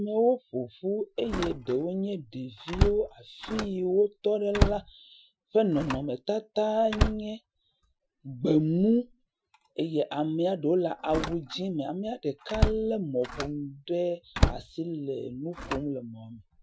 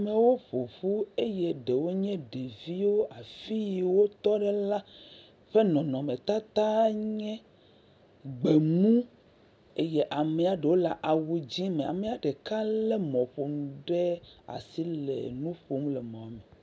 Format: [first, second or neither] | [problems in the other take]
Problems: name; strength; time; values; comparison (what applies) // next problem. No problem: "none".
second | noise reduction (classical method Wiener filter)